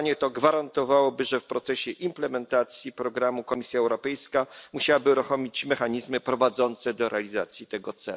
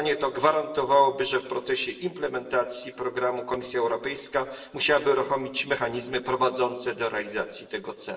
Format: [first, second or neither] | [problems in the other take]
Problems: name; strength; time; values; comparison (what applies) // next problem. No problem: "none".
first | room echo; dies away in 0.9 s